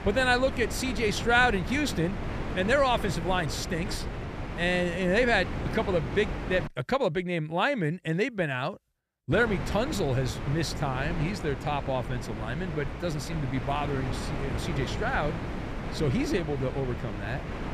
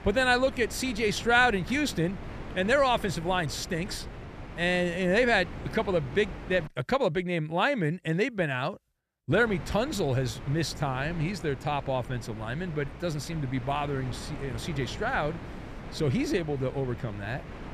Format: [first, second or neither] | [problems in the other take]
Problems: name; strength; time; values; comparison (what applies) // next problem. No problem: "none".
second | wind noise on the microphone; heavy; until 6.5 s and from 9.5 s on; 10 dB below the speech; occasional gusts in the second